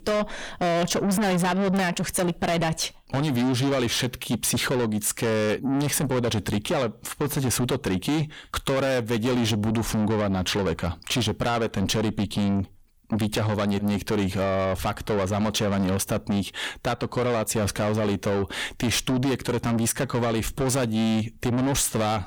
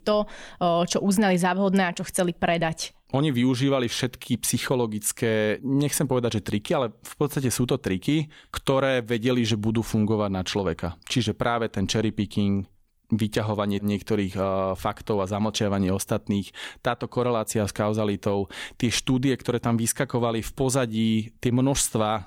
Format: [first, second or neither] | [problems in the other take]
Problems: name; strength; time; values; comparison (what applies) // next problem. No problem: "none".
second | distortion; heavy; 7 dB below the speech